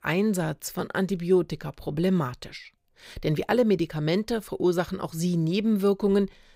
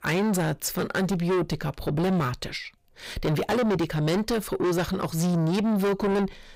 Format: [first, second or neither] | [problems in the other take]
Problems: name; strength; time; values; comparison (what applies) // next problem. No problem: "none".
first | distortion; heavy; 6 dB below the speech